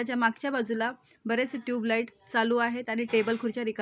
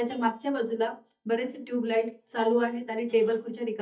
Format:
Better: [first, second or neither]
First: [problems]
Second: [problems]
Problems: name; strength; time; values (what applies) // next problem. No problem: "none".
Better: first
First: none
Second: noise reduction (neural mask model DeepFilterNet 3)